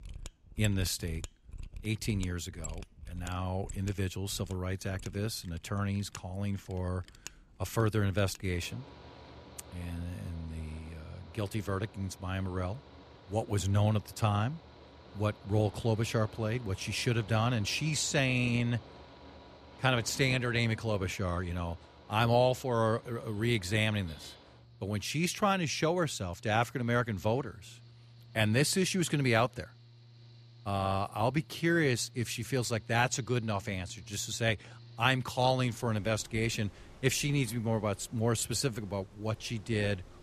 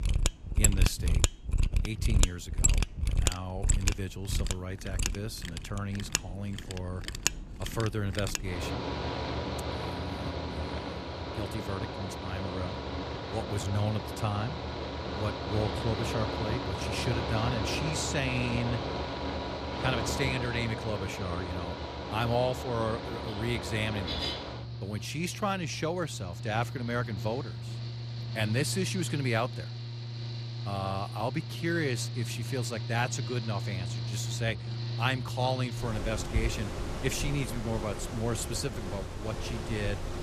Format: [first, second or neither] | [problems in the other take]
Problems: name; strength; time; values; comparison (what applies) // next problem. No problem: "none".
first | machinery noise; loud; throughout; as loud as the speech; faint in the first